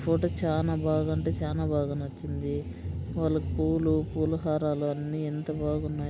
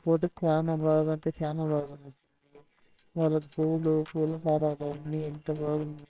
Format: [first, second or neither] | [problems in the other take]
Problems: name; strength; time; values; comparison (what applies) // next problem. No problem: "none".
first | noise reduction (neural separator model SepFormer WHAMR!)